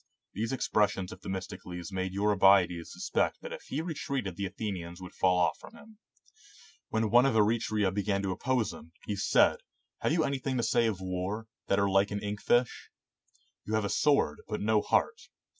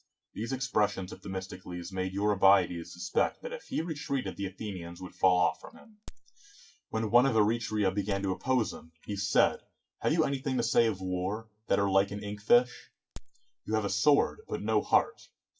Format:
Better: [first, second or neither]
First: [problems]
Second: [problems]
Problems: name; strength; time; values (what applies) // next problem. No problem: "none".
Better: first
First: none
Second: background sound (Crack); 17 dB below the speech // room echo; dies away in 0.2 s